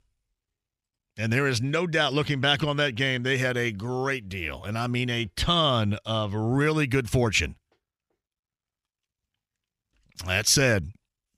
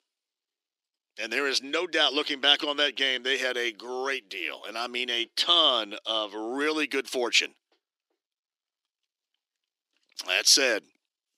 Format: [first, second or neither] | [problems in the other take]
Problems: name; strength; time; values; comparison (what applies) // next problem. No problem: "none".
first | thin; somewhat; fading below 300 Hz